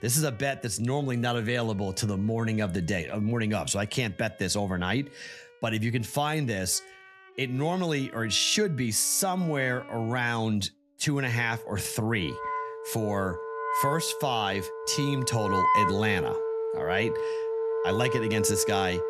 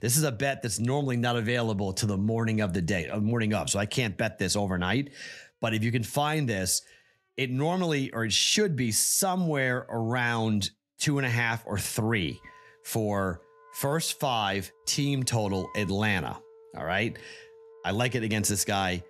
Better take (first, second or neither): second